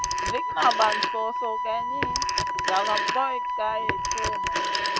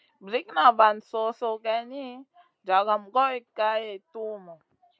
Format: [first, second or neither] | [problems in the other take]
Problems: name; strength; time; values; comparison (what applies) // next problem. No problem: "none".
second | background sound (Wind instrument, woodwind instrument + Telephone); 3 dB above the speech